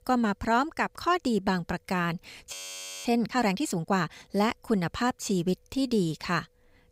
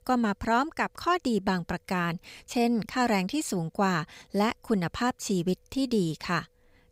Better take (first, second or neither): second